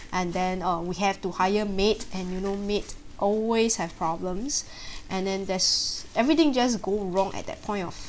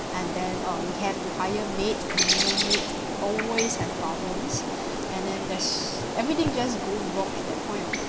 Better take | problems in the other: first | background sound (Bird); 2 dB above the speech

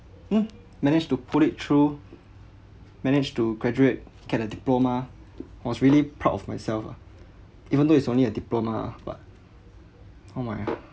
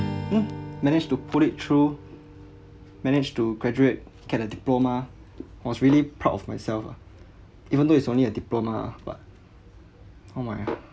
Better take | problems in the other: first | background sound (Strum); 16 dB below the speech

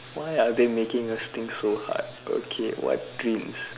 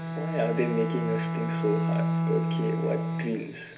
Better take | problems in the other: first | background sound (Bowed string instrument); 2 dB above the speech // room echo; dies away in 0.3 s

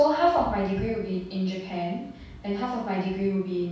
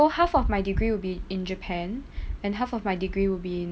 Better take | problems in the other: second | room echo; dies away in 0.7 s

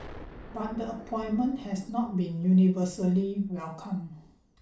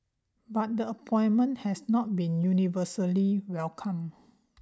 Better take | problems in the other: second | background sound (Explosion); 20 dB below the speech // room echo; dies away in 0.3 s

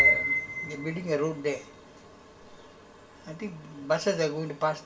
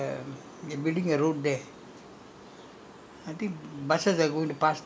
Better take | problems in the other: second | background sound (Piano); as loud as the speech // room echo; dies away in 0.1 s

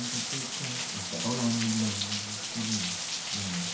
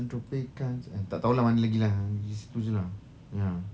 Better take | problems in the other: second | background sound (Rain); 1 dB above the speech // room echo; dies away in 0.5 s

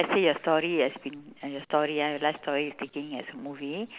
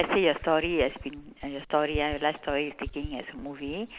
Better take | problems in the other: first | background sound (Typing); 14 dB below the speech

